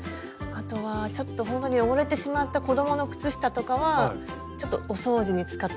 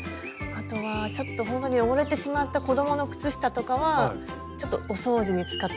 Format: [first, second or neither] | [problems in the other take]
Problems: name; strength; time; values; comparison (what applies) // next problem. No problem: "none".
first | background sound (Bird); 18 dB below the speech